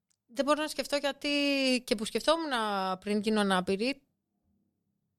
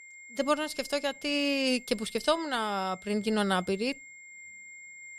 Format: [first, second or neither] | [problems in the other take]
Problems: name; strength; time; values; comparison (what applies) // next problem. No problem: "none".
first | high-pitched whine; noticeable; throughout; 2 kHz, 15 dB below the speech